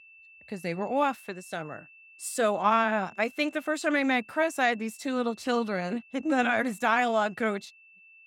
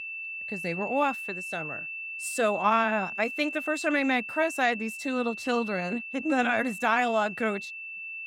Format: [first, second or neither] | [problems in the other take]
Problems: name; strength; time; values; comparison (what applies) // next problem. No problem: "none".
first | high-pitched whine; loud; throughout; 2.5 kHz, 7 dB below the speech; faint in the first